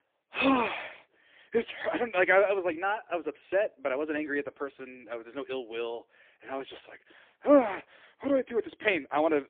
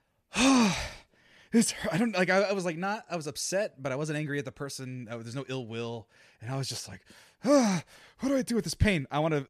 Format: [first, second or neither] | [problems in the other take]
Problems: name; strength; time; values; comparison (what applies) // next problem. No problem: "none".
second | phone-call audio; poor line; nothing above 3.5 kHz